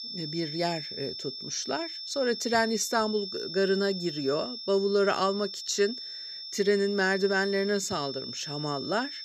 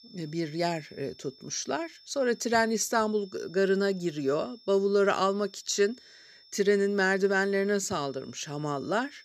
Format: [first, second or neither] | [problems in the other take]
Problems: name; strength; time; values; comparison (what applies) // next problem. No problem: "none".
second | high-pitched whine; loud; throughout; 5.5 kHz, 7 dB below the speech; faint in the second